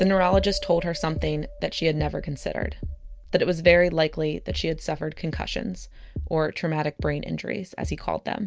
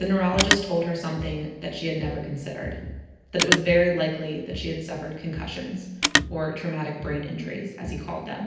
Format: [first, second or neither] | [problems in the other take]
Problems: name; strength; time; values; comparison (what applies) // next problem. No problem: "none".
first | background sound (Telephone); 3 dB below the speech // room echo; dies away in 0.9 s